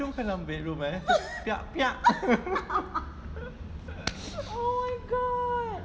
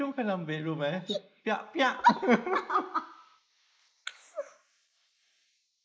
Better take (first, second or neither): first